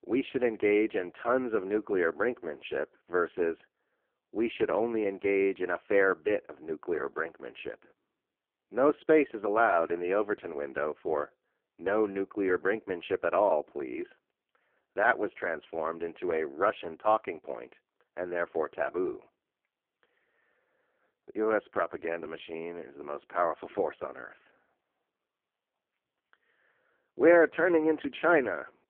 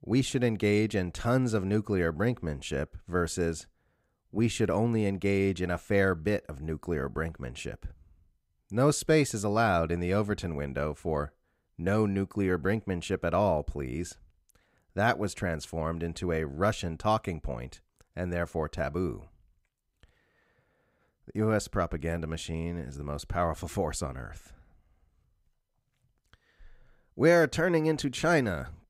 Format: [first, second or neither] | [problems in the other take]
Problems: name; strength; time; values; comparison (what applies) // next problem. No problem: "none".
second | phone-call audio; poor line